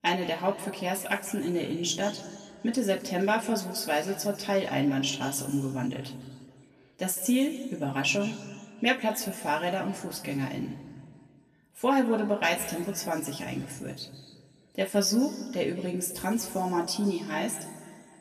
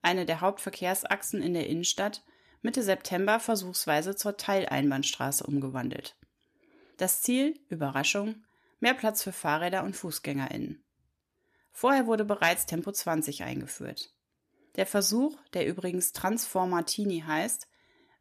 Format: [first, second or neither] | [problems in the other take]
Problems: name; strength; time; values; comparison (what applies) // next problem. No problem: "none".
second | room echo; slight; dies away in 1.7 s // off-mic speech; somewhat distant